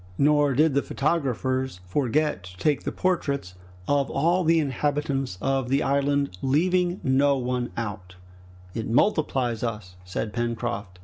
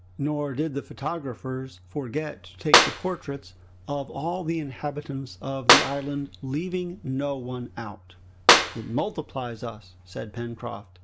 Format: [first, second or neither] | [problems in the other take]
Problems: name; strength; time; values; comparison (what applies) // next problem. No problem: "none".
first | background sound (Clapping); 3 dB above the speech